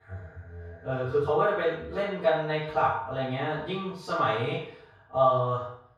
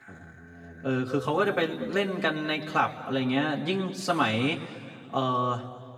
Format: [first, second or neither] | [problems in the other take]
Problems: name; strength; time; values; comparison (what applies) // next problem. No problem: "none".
second | room echo; strong; dies away in 0.7 s; slight in the second // off-mic speech; far; far in the second